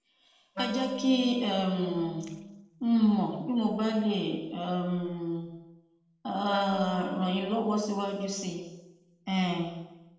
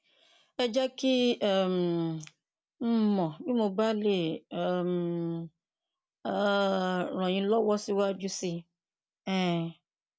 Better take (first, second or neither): second